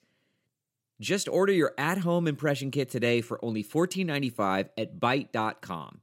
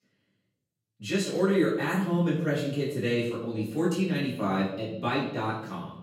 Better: first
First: none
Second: off-mic speech; far // room echo; noticeable; dies away in 0.8 s

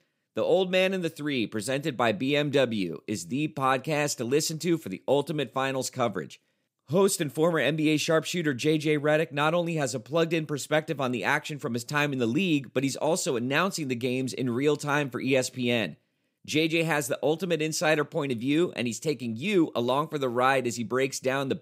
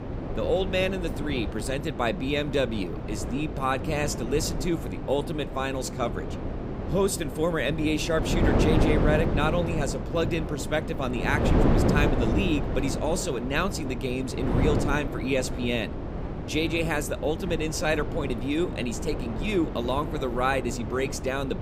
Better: first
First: none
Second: wind noise on the microphone; heavy; 6 dB below the speech

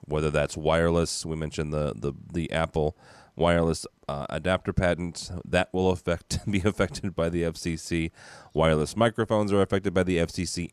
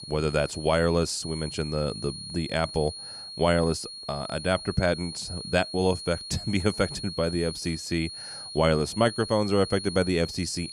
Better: first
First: none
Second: high-pitched whine; loud; throughout; 4.5 kHz, 10 dB below the speech

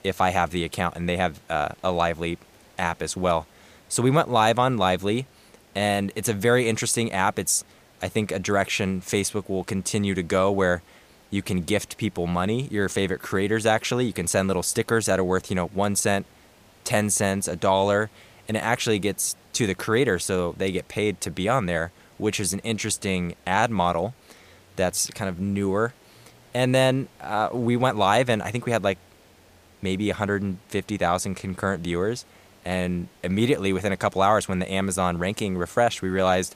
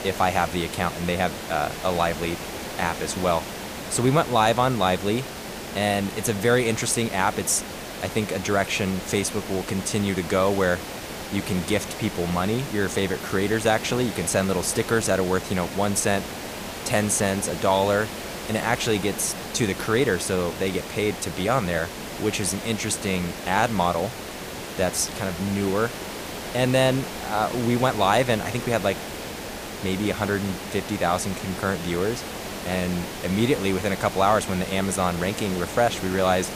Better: first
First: hiss; faint; throughout; 30 dB below the speech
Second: hiss; loud; throughout; 9 dB below the speech

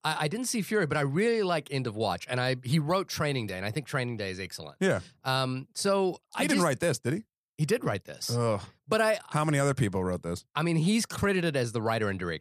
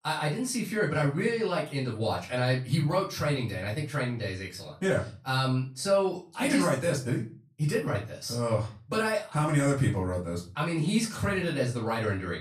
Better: first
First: none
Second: off-mic speech; far // room echo; slight; dies away in 0.3 s

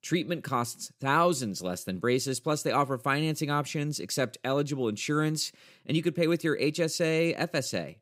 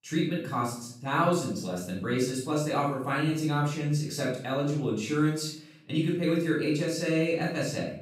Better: first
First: none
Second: off-mic speech; far // room echo; noticeable; dies away in 0.5 s

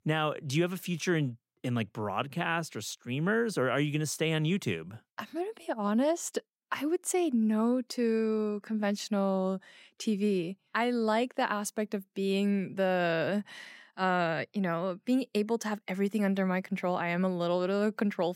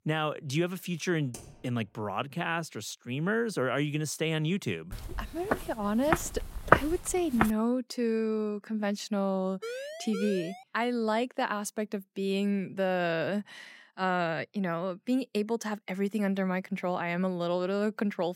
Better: first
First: none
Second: keyboard typing; faint; at 1.5 s; peak 15 dB below the speech // footsteps; loud; from 5.5 to 7.5 s; peak 6 dB above the speech // siren; noticeable; from 9.5 to 11 s; peak 7 dB below the speech

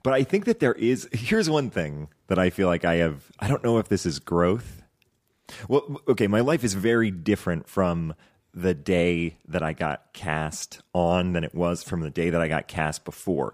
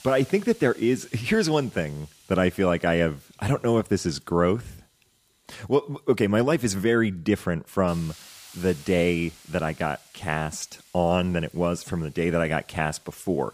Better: first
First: none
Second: hiss; faint; throughout; 25 dB below the speech

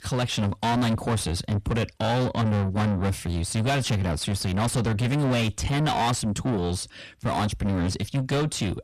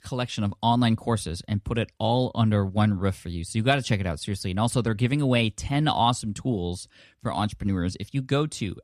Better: second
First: distortion; heavy; 6 dB below the speech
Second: none

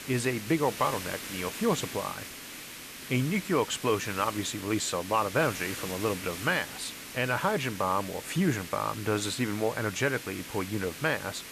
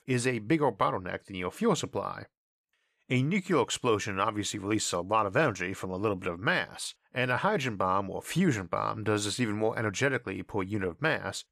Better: second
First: hiss; loud; throughout; 9 dB below the speech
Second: none

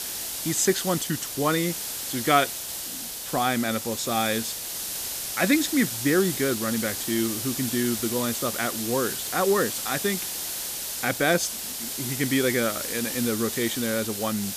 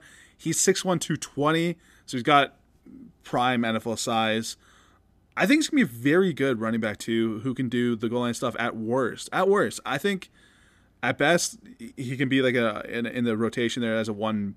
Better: second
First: hiss; loud; throughout; 3 dB below the speech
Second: none

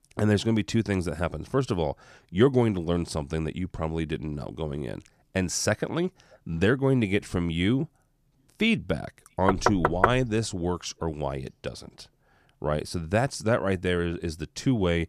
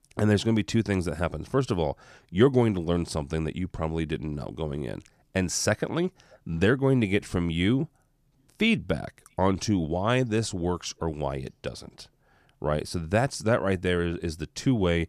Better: second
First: door banging; loud; at 9.5 s; peak 3 dB above the speech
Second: none

